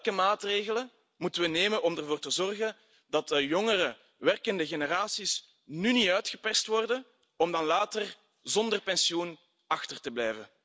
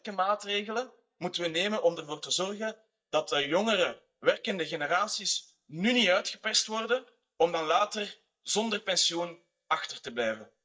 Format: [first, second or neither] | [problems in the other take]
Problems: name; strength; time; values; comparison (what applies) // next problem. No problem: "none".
first | noise reduction (neural mask model DeepFilterNet 3)